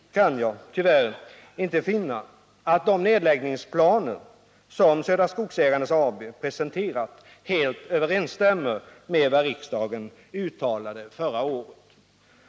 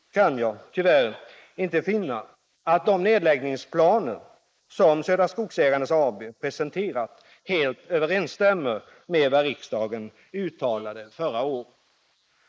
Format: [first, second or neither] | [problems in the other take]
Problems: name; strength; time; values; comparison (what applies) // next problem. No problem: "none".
first | noise reduction (neural mask model Resemble Enhance denoiser)